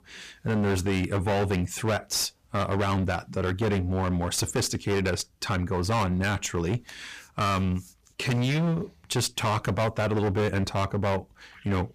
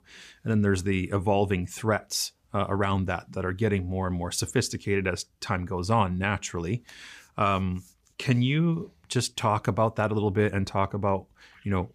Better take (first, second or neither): second